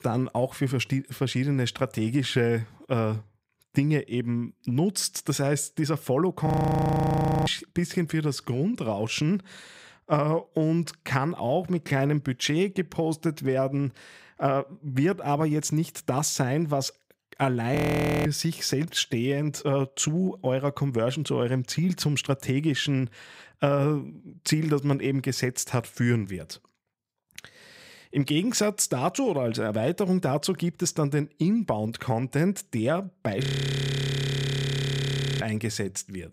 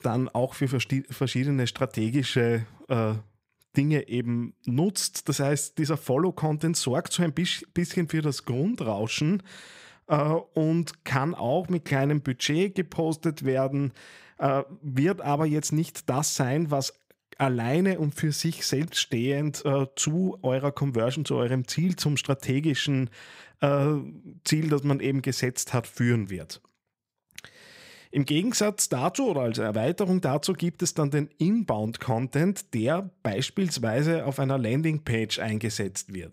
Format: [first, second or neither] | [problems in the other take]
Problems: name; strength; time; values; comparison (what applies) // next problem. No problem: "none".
second | audio freezing; at 6.5 s for 1 s, at 18 s for 0.5 s and at 33 s for 2 s